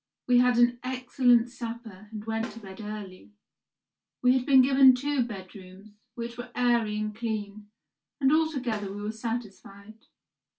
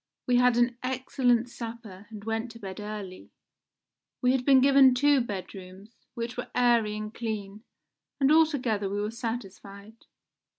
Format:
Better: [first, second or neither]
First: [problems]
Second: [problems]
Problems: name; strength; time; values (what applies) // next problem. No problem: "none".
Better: second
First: background sound (Snare drum); 17 dB below the speech // room echo; dies away in 0.2 s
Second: none